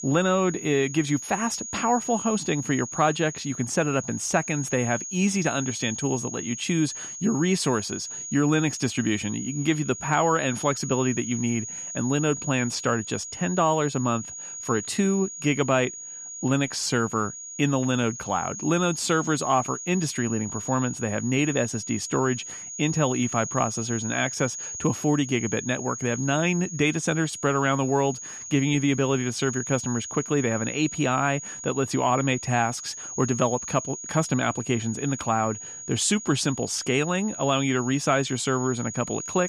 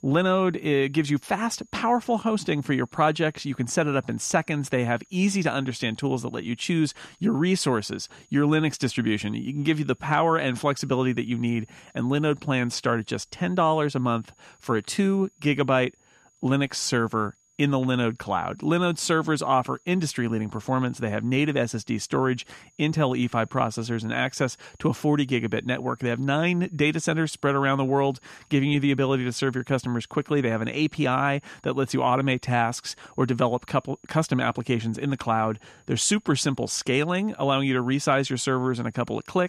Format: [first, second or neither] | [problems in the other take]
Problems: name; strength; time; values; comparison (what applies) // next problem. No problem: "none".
second | high-pitched whine; loud; throughout; 6.5 kHz, 8 dB below the speech; faint in the second